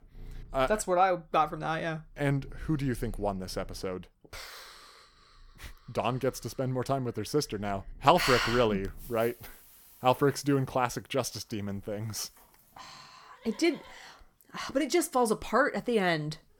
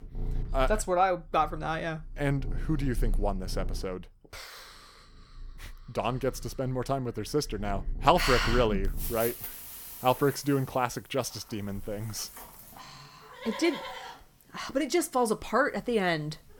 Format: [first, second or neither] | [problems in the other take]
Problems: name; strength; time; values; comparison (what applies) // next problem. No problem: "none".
first | animal sounds; loud; throughout; 10 dB below the speech; faint in the first